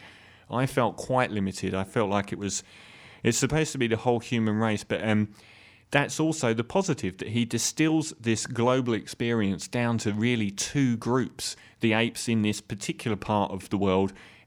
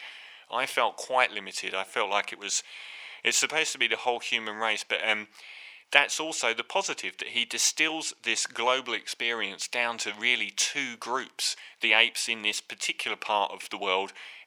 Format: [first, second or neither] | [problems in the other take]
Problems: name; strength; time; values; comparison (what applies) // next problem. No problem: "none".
first | thin; very; fading below 750 Hz